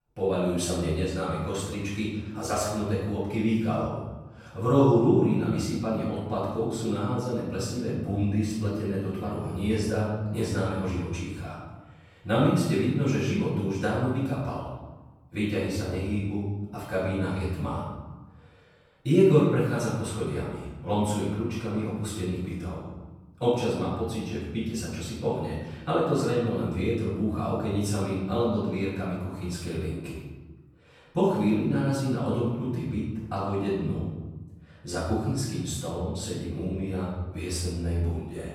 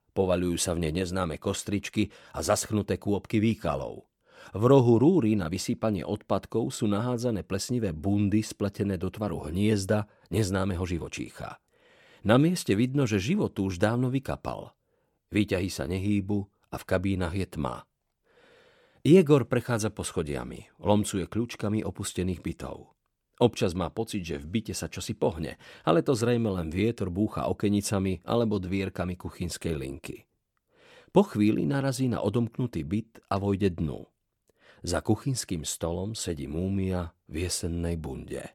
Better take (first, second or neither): second